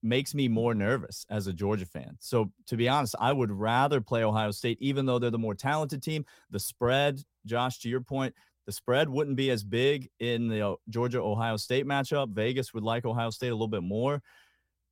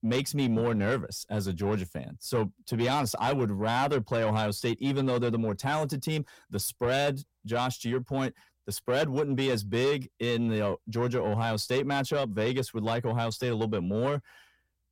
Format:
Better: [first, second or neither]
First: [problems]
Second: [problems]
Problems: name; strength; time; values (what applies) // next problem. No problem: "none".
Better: first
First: none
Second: distortion; slight; 10 dB below the speech